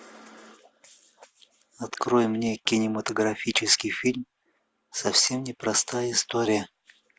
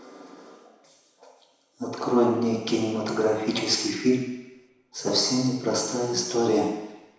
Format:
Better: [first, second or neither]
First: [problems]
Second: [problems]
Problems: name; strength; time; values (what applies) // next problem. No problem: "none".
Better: first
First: none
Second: room echo; dies away in 1 s